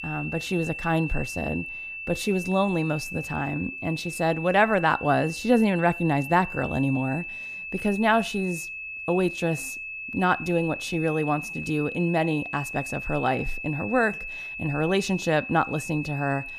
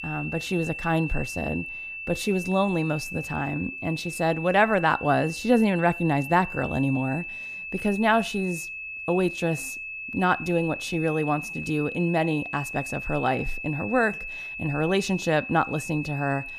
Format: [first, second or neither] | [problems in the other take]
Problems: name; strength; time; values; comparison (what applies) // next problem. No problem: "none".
neither | high-pitched whine; loud; throughout; 2.5 kHz, 8 dB below the speech; the same in both